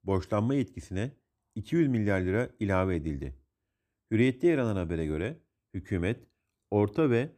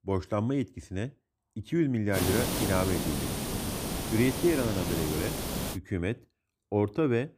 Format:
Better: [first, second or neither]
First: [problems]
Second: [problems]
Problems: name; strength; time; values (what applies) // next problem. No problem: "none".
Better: first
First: none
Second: hiss; loud; from 2 to 5.5 s; 2 dB below the speech